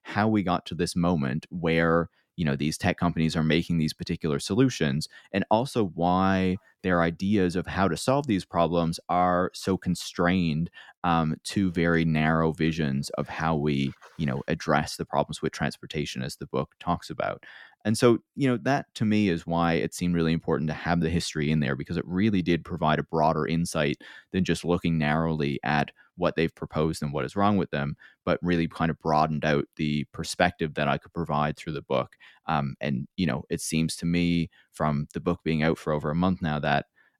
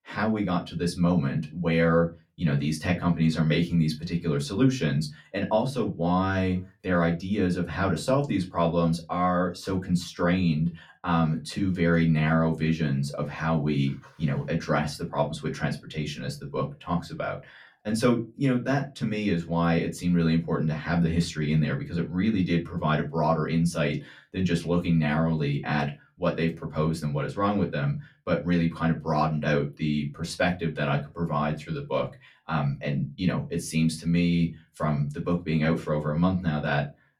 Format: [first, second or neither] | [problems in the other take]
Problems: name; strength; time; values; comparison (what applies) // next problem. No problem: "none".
first | off-mic speech; far // room echo; very slight; dies away in 0.2 s